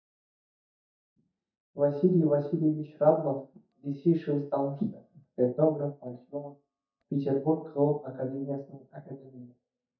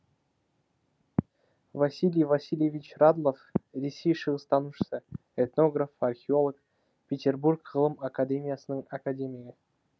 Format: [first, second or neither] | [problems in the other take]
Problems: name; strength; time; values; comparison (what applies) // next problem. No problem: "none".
second | noise reduction (neural mask model DeepFilterNet 3)